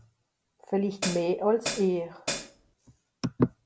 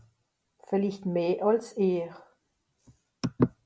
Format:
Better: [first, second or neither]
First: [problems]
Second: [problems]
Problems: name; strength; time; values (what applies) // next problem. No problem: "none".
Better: second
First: background sound (Hi-hat); 5 dB below the speech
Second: none